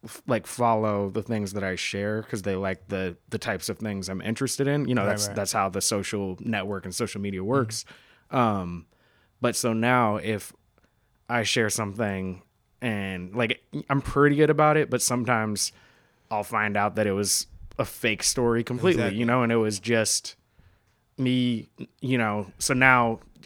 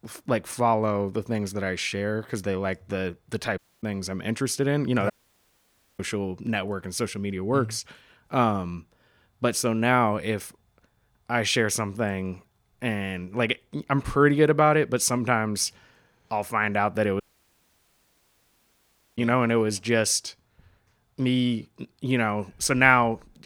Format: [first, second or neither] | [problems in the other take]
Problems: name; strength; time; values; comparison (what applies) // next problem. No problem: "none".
first | audio cutting out; at 3.5 s, at 5 s for 1 s and at 17 s for 2 s